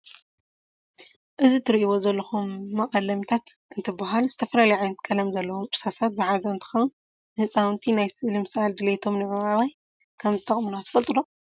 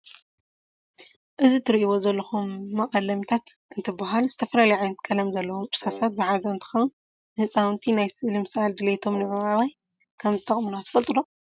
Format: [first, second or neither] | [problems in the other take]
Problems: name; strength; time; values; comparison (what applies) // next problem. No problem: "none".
first | background sound (Brass instrument); 17 dB below the speech